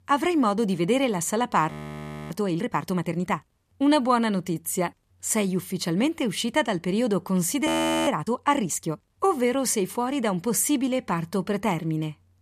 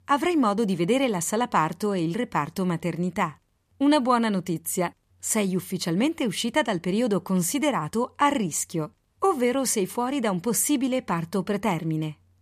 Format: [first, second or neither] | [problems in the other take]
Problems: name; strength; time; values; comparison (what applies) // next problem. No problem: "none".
second | audio freezing; at 1.5 s for 0.5 s and at 7.5 s